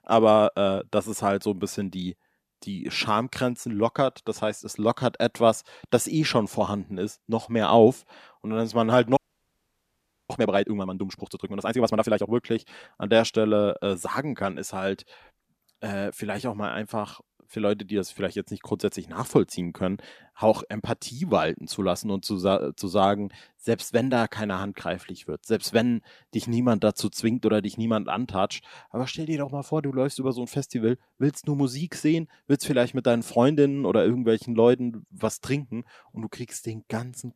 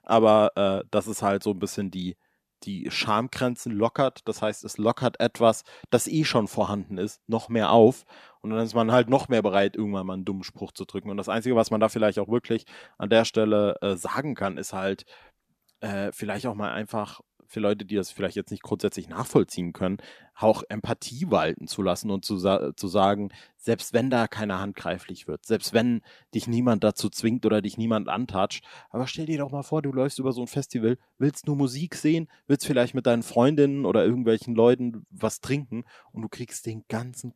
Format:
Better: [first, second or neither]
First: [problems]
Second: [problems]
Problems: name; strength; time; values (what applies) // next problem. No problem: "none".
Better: second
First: audio freezing; at 9 s for 1 s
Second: none